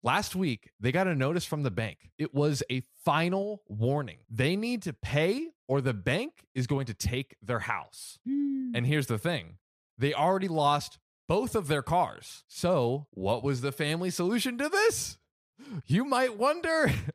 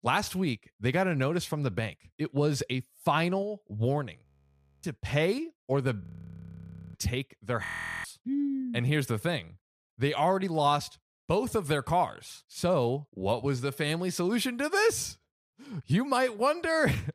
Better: first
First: none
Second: audio freezing; at 4.5 s for 0.5 s, at 6 s for 1 s and at 7.5 s

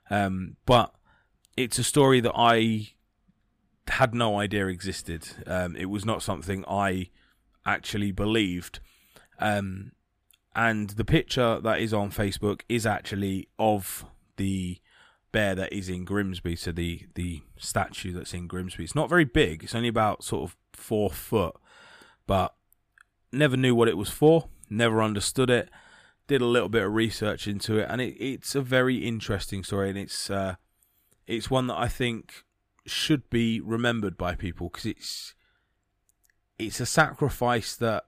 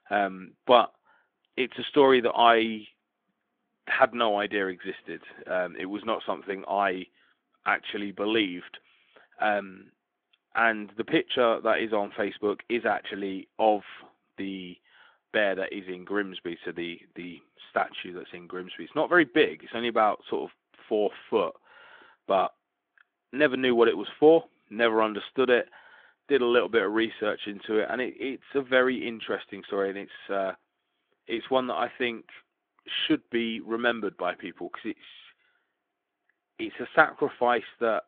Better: first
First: none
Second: phone-call audio; nothing above 3.5 kHz

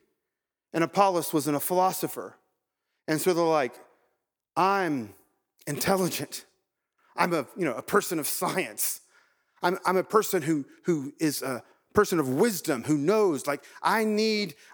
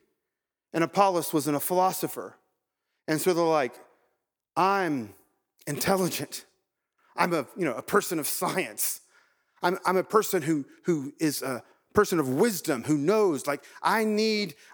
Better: neither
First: none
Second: none

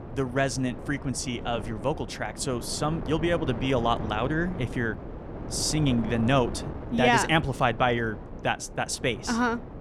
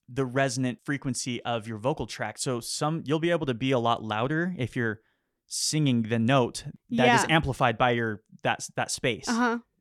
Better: second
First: wind noise on the microphone; occasional gusts; 15 dB below the speech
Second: none

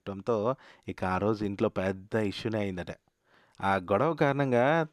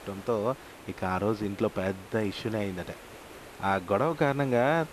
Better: first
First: none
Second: hiss; noticeable; throughout; 15 dB below the speech

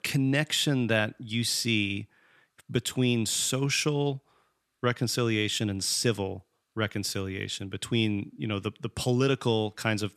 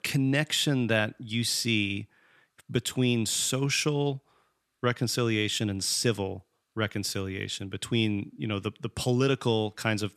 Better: neither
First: none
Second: none

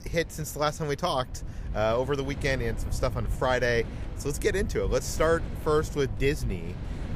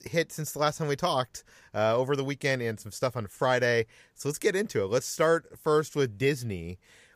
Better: second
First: wind noise on the microphone; occasional gusts; 20 dB below the speech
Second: none

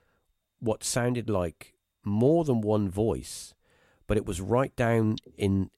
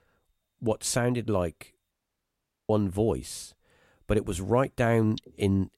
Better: first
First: none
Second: audio cutting out; at 2 s for 1 s

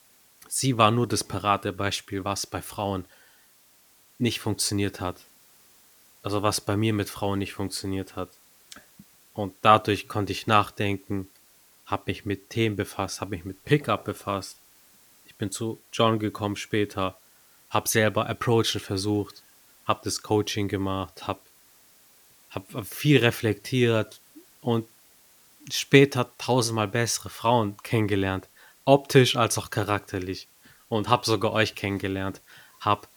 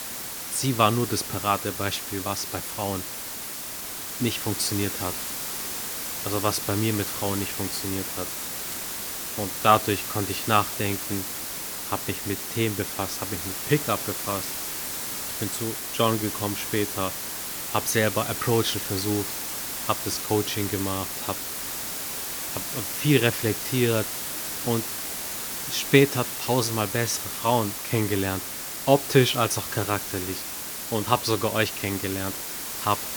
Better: first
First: hiss; faint; throughout; 30 dB below the speech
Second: hiss; loud; throughout; 3 dB below the speech

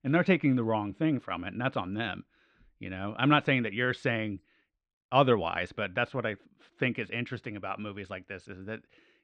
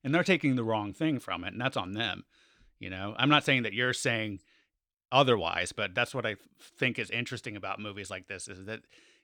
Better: second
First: muffled; very; fading above 2.5 kHz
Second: none

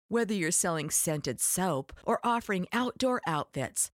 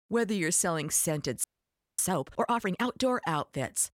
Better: first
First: none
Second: audio freezing; at 1.5 s for 0.5 s

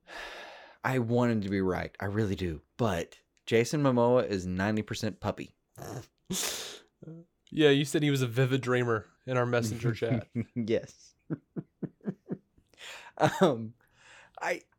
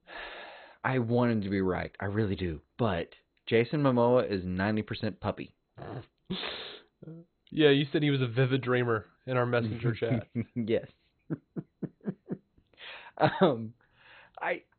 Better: first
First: none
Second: garbled, watery; badly; nothing above 4 kHz

